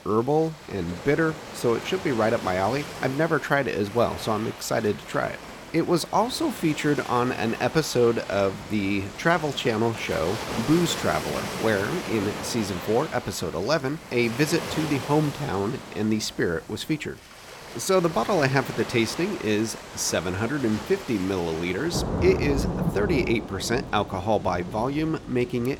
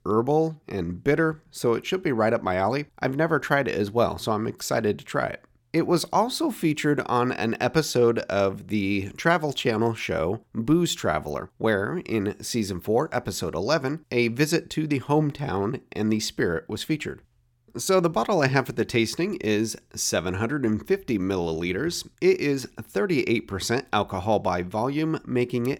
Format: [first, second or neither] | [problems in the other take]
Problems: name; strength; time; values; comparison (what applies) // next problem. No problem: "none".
second | rain or running water; loud; throughout; 9 dB below the speech